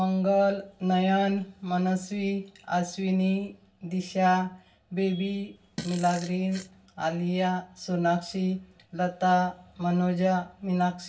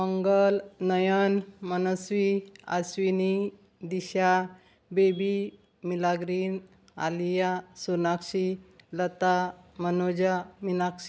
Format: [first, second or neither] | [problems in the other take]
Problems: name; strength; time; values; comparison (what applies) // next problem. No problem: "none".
second | background sound (Fart); 15 dB below the speech // room echo; dies away in 0.2 s